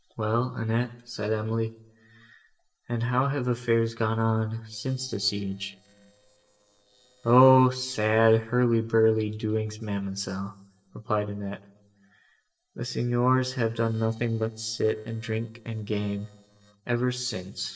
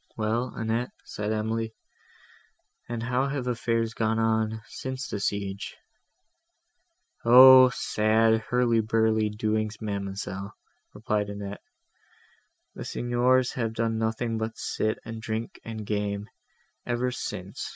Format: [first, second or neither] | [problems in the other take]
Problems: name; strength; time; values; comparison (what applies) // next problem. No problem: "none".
second | noise reduction (neural separator model SepFormer DNS4)